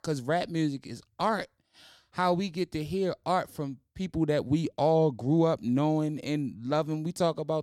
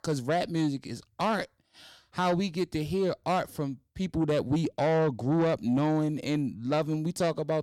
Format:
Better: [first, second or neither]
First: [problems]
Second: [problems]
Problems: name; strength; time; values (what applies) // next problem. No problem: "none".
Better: first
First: none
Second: distortion; slight; 10 dB below the speech